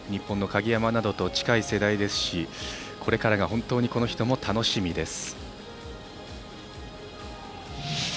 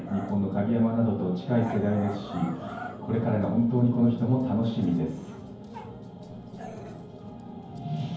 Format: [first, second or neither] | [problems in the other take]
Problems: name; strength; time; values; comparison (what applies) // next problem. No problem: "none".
first | background sound (Growling); 16 dB below the speech // room echo; dies away in 0.9 s